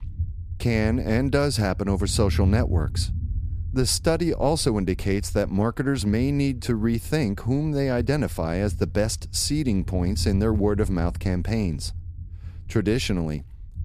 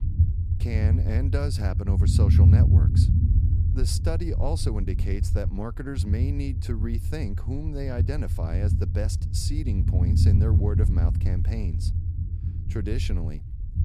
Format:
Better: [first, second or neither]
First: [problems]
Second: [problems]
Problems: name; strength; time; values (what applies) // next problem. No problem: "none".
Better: first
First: low rumble; faint; throughout; 20 dB below the speech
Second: low rumble; loud; throughout; 2 dB below the speech